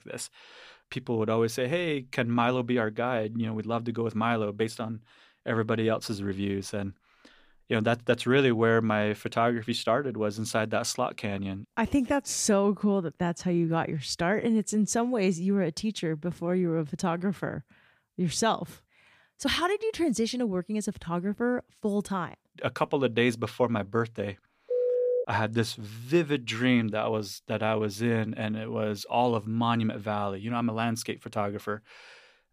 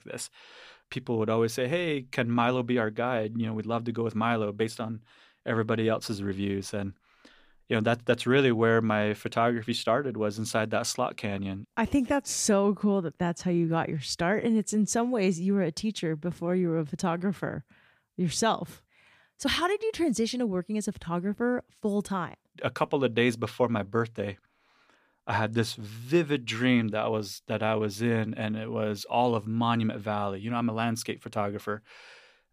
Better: second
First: phone ringing; loud; at 25 s; peak 2 dB above the speech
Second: none

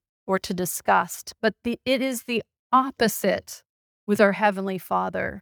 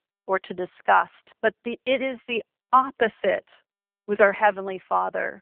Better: first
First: none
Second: phone-call audio; nothing above 3.5 kHz

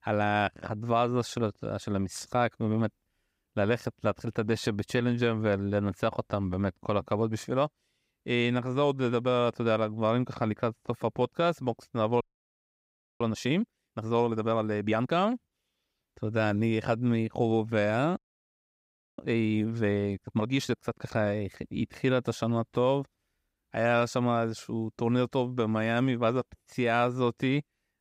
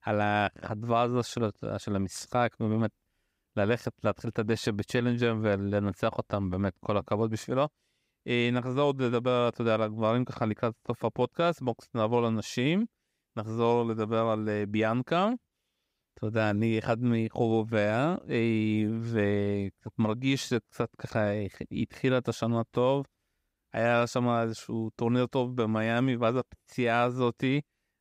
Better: second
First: audio freezing; at 12 s for 1 s and at 18 s for 1 s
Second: none

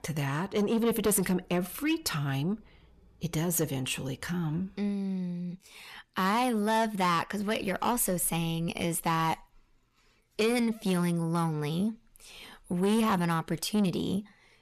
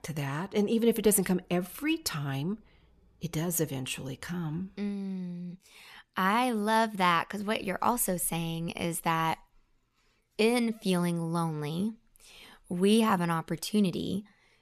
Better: second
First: distortion; slight; 10 dB below the speech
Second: none

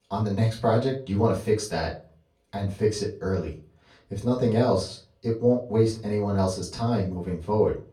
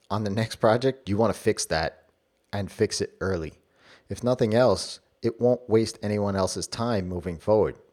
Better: second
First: off-mic speech; far // room echo; slight; dies away in 0.3 s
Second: none

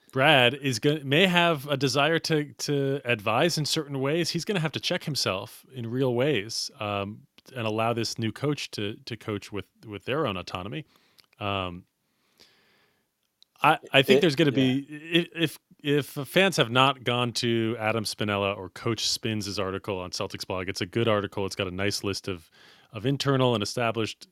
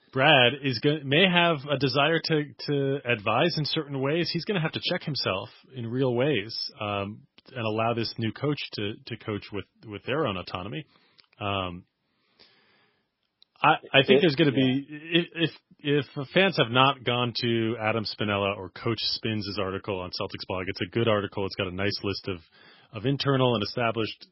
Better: first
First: none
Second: garbled, watery; badly; nothing above 5.5 kHz

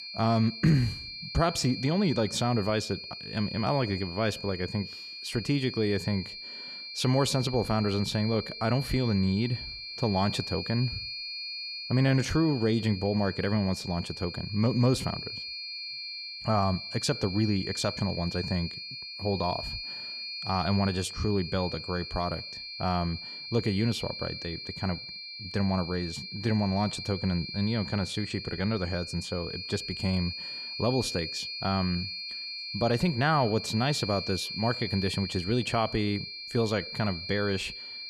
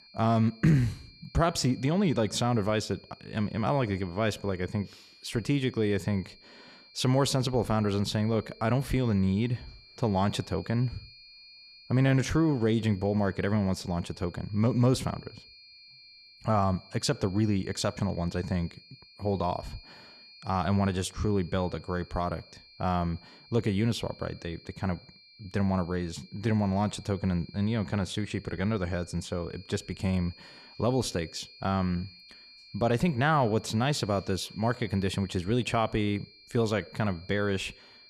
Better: second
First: high-pitched whine; loud; throughout; 4.5 kHz, 7 dB below the speech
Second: high-pitched whine; faint; throughout; 4.5 kHz, 20 dB below the speech

